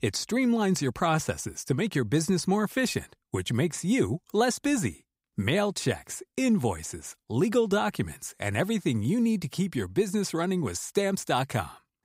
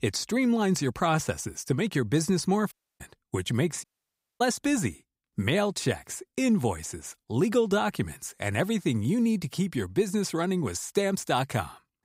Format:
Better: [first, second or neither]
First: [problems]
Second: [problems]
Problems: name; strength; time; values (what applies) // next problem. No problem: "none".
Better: first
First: none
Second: audio cutting out; at 2.5 s and at 4 s for 0.5 s